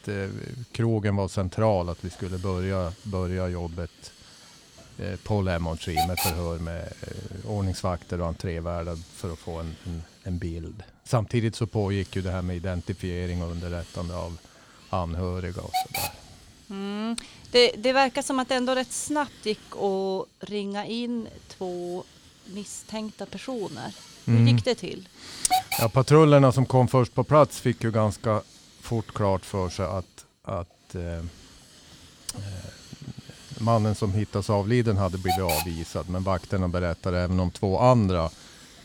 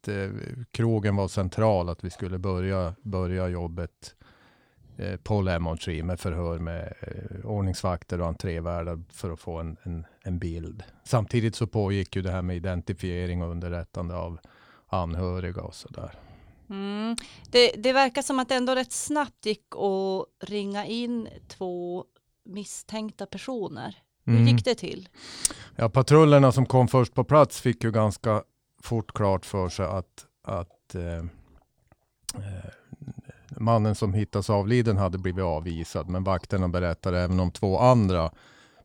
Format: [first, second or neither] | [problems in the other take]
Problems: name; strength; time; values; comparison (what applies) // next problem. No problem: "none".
second | hiss; loud; throughout; 9 dB below the speech